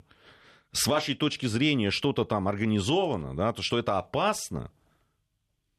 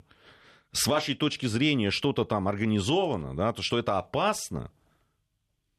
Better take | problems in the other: neither | none

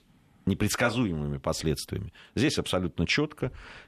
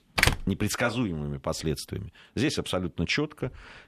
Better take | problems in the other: first | door banging; loud; at the start; peak 6 dB above the speech

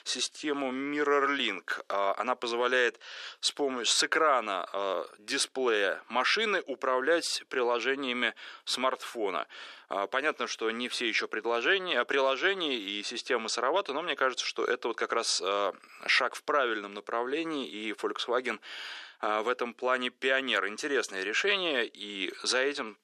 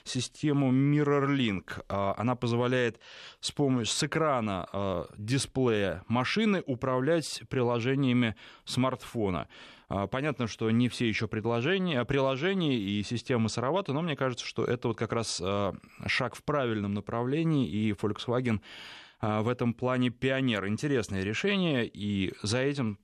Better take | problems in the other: second | thin; very; fading below 350 Hz

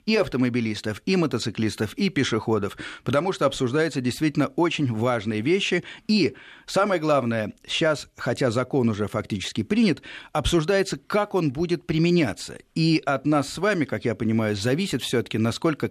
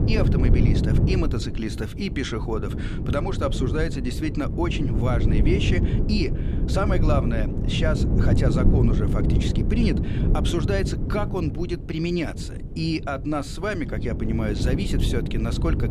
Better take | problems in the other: first | wind noise on the microphone; heavy; 4 dB below the speech

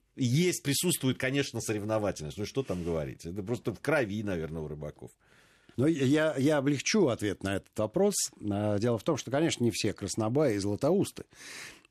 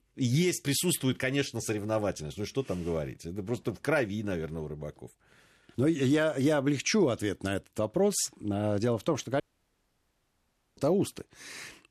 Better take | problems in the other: first | audio cutting out; at 9.5 s for 1.5 s

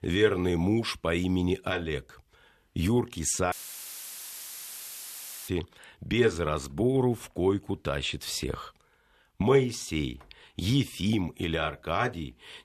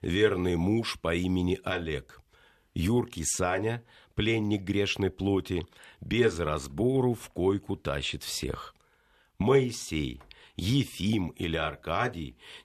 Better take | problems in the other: second | audio cutting out; filled with static; at 3.5 s for 2 s

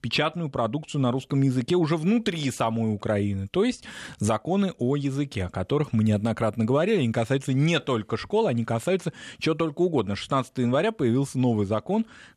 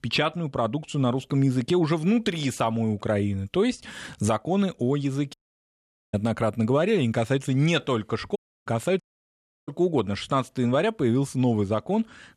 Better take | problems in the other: first | audio cutting out; at 5.5 s for 1 s, at 8.5 s and at 9 s for 0.5 s

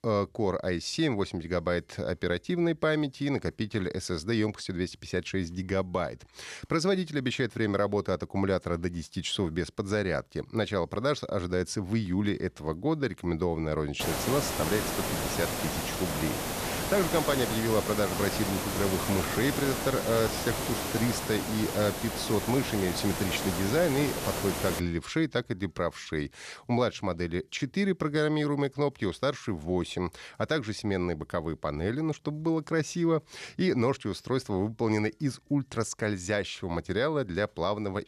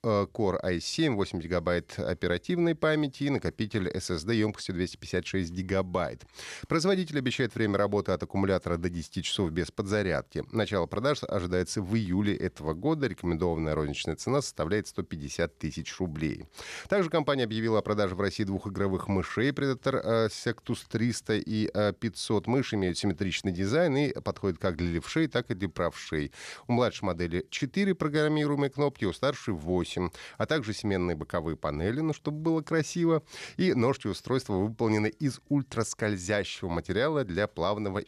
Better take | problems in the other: second | hiss; loud; from 14 to 25 s; 2 dB below the speech

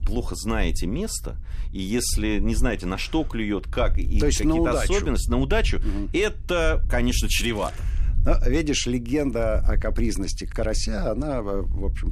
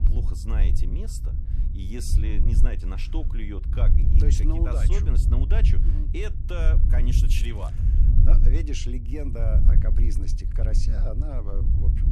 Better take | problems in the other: first | low rumble; loud; throughout; 4 dB below the speech; faint in the first

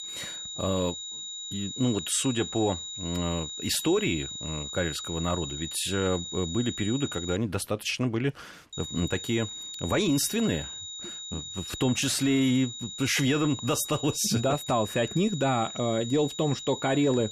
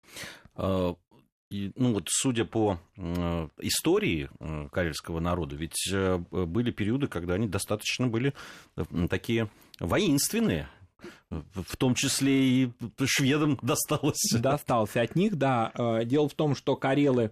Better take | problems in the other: second | high-pitched whine; loud; until 7.5 s and from 8.5 s on; 4 kHz, 8 dB below the speech

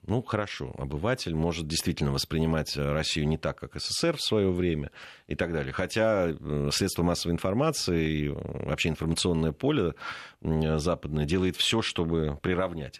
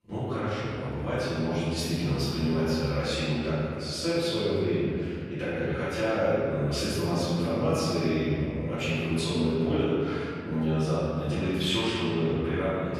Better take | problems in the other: first | off-mic speech; far // room echo; strong; dies away in 2.2 s

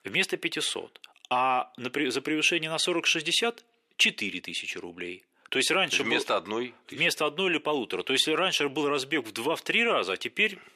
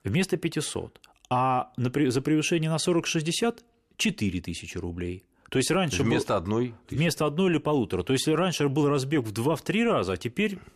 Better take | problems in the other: second | thin; somewhat; fading below 350 Hz

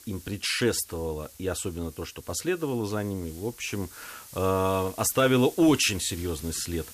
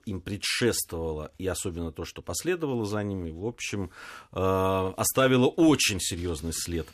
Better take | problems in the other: second | hiss; noticeable; throughout; 20 dB below the speech

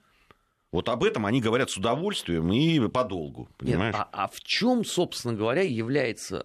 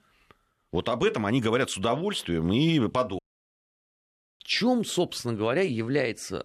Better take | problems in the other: first | audio cutting out; at 3 s for 1 s

